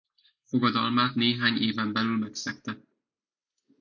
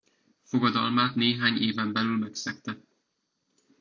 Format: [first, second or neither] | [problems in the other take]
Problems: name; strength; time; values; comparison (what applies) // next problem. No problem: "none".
second | noise reduction (neural mask model Resemble Enhance denoiser)